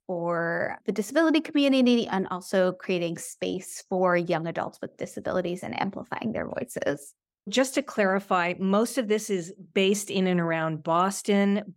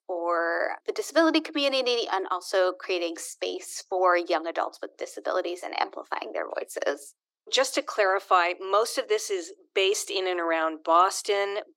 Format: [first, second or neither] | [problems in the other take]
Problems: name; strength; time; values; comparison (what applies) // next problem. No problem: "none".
first | thin; very; fading below 300 Hz